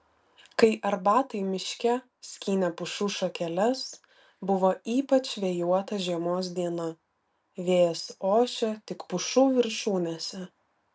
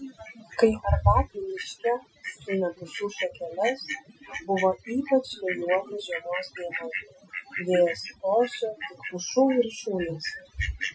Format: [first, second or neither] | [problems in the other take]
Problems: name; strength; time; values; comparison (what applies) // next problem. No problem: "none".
first | noise reduction (classical method Wiener filter)